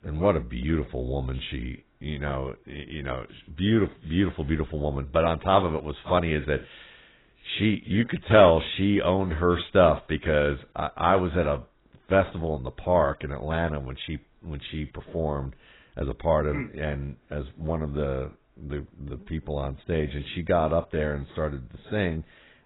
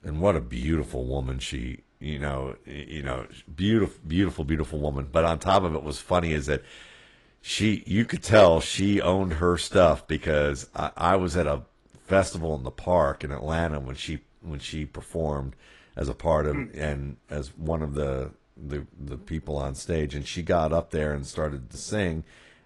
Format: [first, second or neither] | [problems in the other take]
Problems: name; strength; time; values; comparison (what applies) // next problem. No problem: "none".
second | garbled, watery; badly; nothing above 4 kHz; slightly in the second